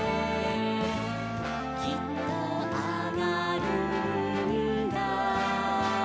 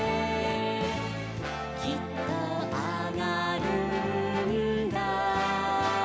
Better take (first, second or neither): second